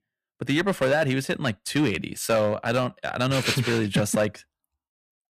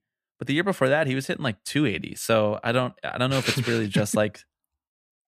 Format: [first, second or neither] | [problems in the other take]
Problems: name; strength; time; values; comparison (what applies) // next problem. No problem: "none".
second | distortion; slight; 5% of the sound clipped